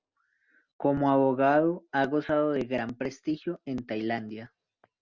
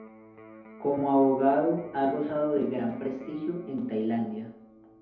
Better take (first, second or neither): first